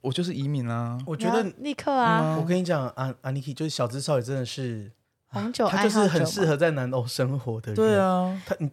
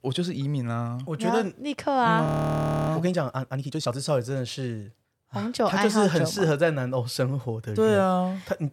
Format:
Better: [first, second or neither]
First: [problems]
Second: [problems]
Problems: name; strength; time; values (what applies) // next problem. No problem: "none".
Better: first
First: none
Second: audio freezing; at 2.5 s for 0.5 s